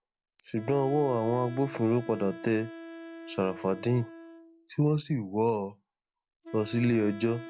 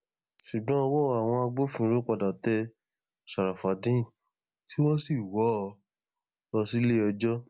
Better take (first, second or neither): second